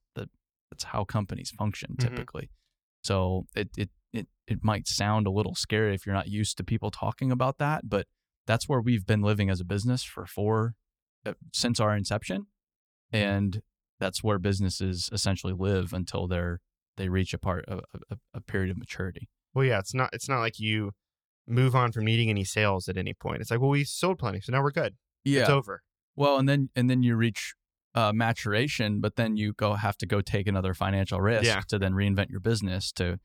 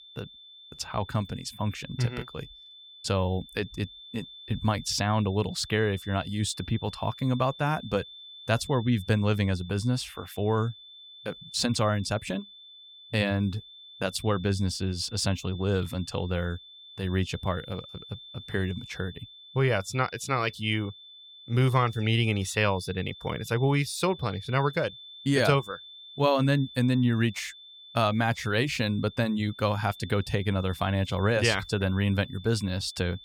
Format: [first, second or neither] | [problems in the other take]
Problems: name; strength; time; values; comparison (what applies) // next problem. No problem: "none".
first | high-pitched whine; noticeable; throughout; 3.5 kHz, 15 dB below the speech